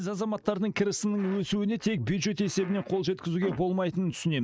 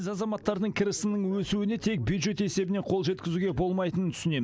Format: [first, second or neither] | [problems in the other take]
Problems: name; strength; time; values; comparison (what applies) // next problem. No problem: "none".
second | noise reduction (neural mask model RNNoise)